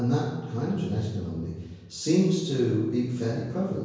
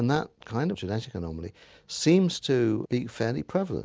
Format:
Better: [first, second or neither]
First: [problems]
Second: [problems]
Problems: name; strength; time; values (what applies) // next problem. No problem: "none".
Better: second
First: room echo; dies away in 1 s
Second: none